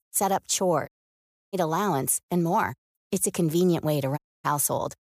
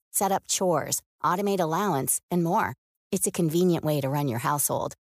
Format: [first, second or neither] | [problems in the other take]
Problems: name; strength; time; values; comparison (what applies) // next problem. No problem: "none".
second | audio cutting out; at 1 s for 0.5 s and at 4 s